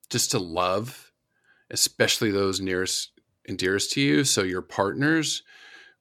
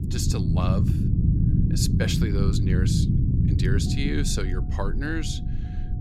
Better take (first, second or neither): first